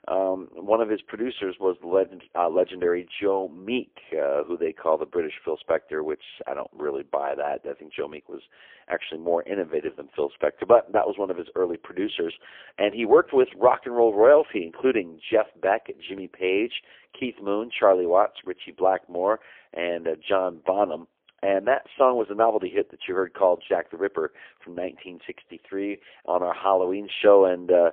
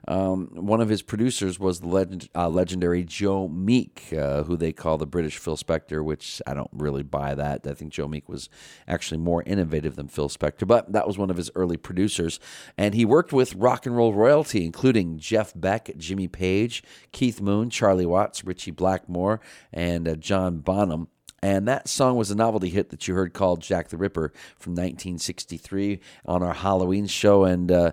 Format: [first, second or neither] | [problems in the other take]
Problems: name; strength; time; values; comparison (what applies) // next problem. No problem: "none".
second | phone-call audio; poor line; nothing above 3.5 kHz